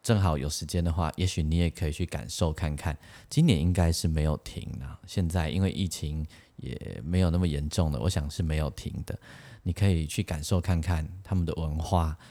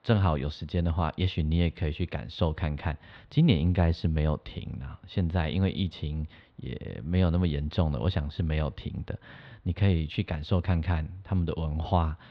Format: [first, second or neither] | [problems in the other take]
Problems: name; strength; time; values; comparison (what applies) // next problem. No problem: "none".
first | muffled; slightly; fading above 3.5 kHz